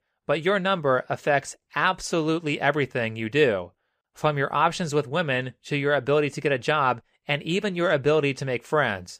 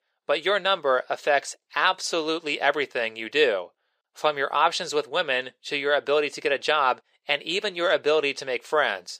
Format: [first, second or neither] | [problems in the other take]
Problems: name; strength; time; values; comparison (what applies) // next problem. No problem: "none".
first | thin; somewhat; fading below 500 Hz